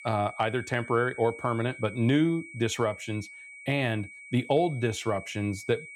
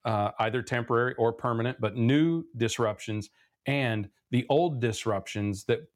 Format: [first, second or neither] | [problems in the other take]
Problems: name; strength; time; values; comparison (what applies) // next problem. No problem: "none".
second | high-pitched whine; noticeable; throughout; 2.5 kHz, 15 dB below the speech